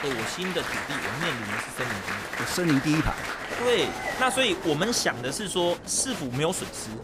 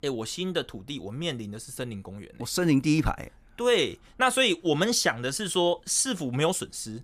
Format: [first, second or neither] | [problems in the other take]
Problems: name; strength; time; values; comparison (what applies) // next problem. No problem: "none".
second | crowd noise; loud; throughout; 5 dB below the speech